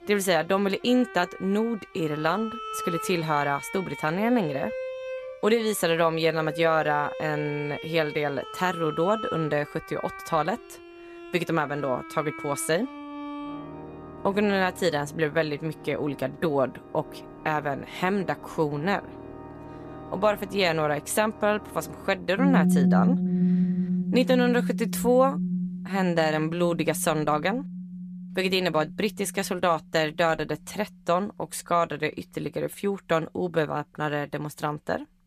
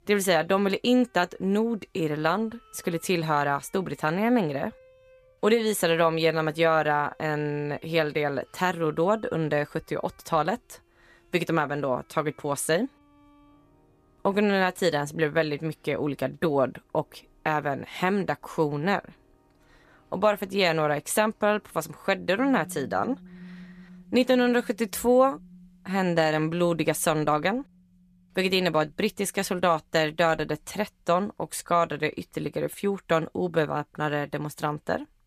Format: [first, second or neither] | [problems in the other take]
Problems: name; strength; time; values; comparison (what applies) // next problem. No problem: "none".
second | background music; loud; throughout; 6 dB below the speech; faint in the second